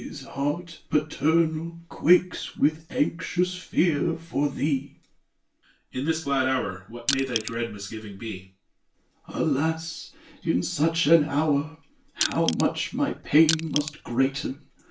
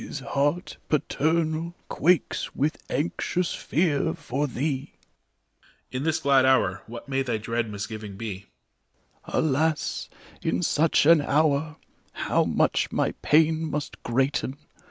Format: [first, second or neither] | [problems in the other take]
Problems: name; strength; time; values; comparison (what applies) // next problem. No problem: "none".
second | background sound (Crushing); 6 dB below the speech // room echo; dies away in 0.2 s